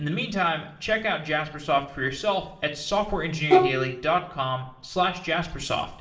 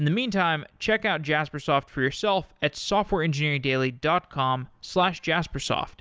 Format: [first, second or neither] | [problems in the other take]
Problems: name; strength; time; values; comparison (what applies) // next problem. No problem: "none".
second | background sound (Bowed string instrument); 3 dB above the speech // room echo; dies away in 0.9 s